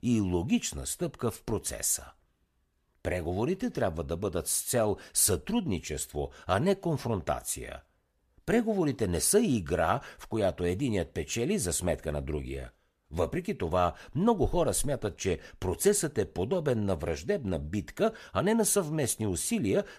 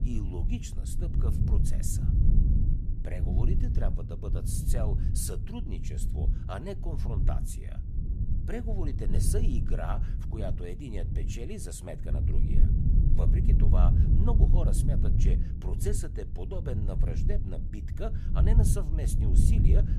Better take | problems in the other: first | low rumble; loud; throughout; 2 dB below the speech

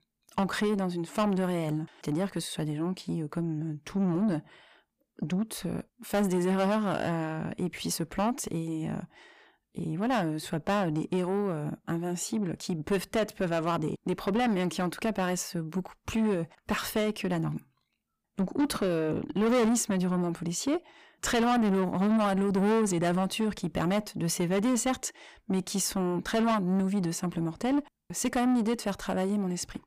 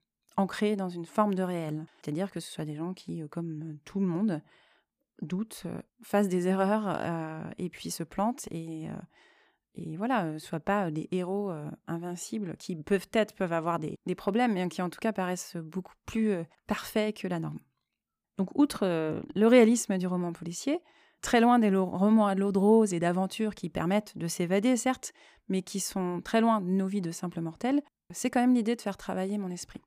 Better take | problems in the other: second | distortion; heavy; 7 dB below the speech

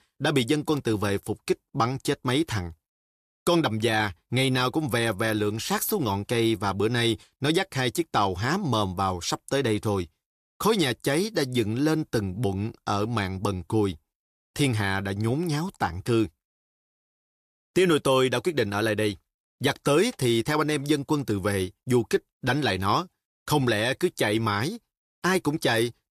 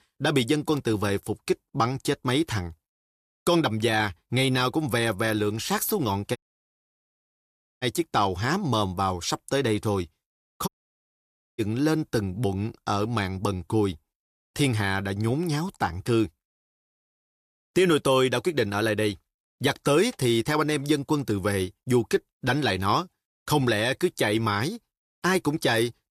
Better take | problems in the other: first | audio cutting out; at 6.5 s for 1.5 s and at 11 s for 1 s

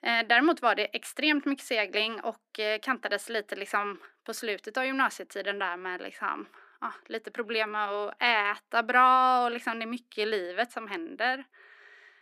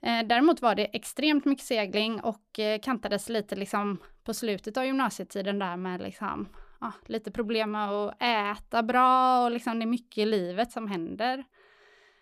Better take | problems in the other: second | thin; very slightly; fading below 250 Hz

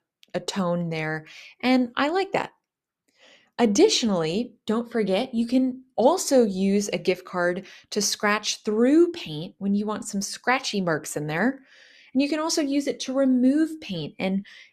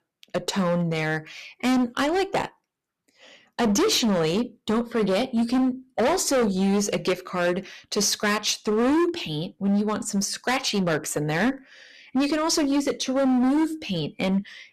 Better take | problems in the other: first | distortion; heavy; 15% of the sound clipped

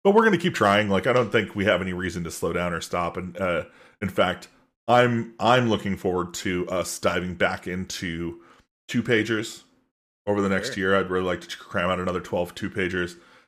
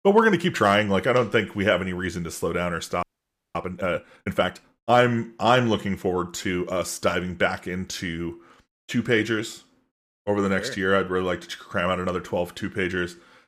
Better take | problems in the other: first | audio freezing; at 3 s for 0.5 s

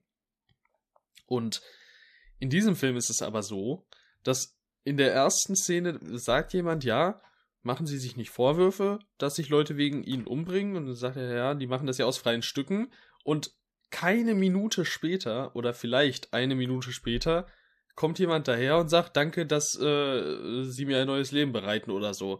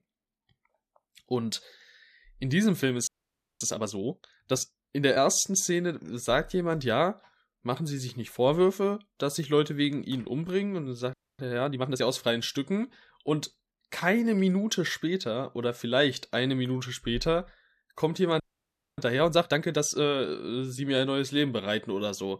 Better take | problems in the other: first | audio freezing; at 3 s for 0.5 s, at 11 s and at 18 s for 0.5 s

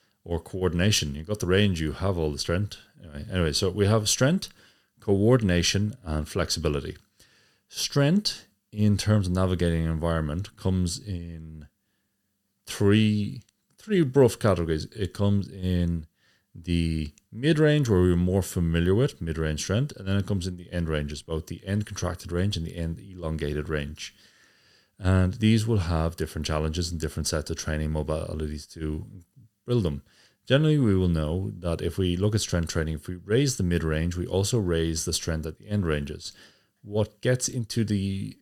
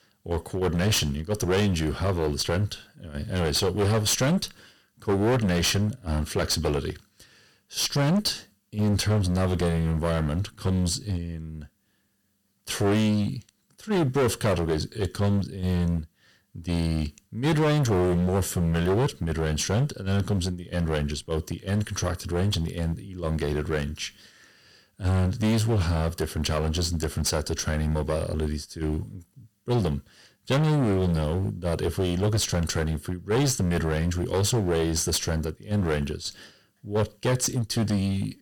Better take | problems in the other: first | distortion; heavy; 13% of the sound clipped

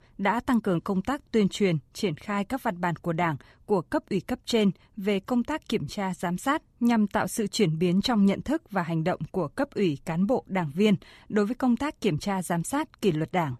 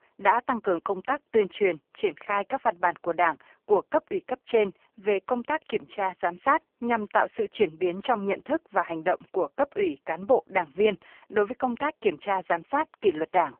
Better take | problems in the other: first | phone-call audio; poor line; nothing above 3 kHz

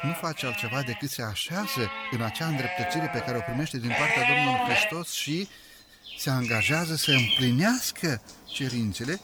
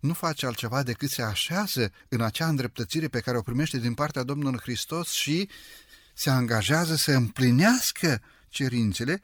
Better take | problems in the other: second | animal sounds; very loud; throughout; 2 dB above the speech

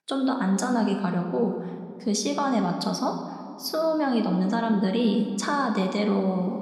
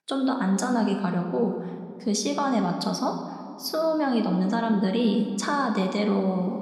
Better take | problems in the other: neither | room echo; slight; dies away in 1.8 s; the same in both

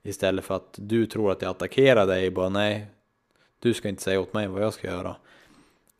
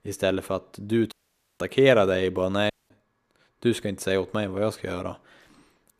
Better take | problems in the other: first | audio cutting out; at 1 s and at 2.5 s

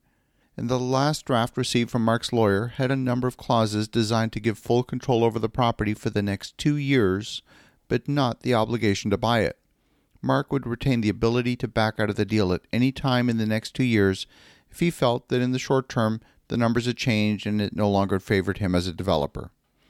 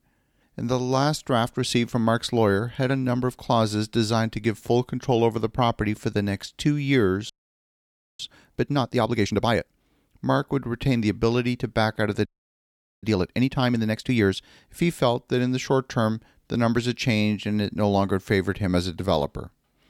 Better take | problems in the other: first | audio freezing; at 7.5 s for 1 s and at 12 s for 1 s

